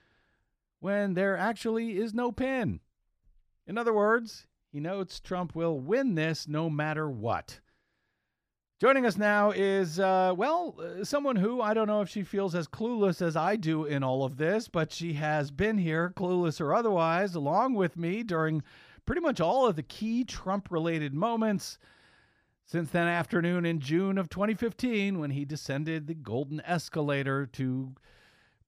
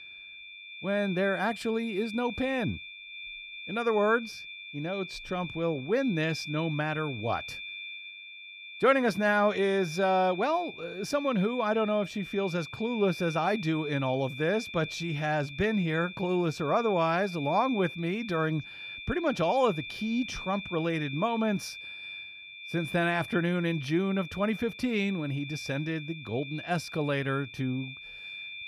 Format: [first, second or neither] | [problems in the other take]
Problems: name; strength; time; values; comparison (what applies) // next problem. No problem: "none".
first | high-pitched whine; noticeable; throughout; 2.5 kHz, 10 dB below the speech